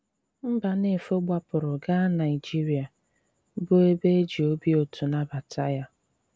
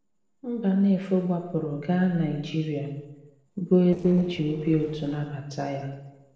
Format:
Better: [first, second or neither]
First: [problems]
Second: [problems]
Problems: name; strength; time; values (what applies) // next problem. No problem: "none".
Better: first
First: none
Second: noise reduction (neural separator model SepFormer DNS4)